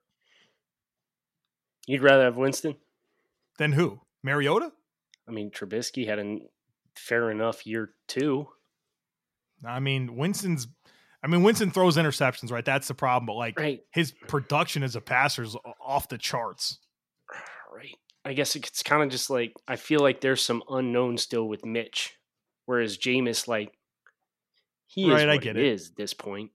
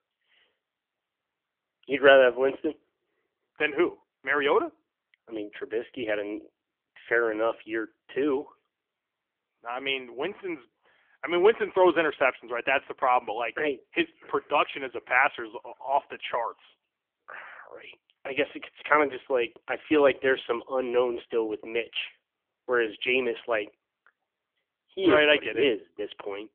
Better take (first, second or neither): first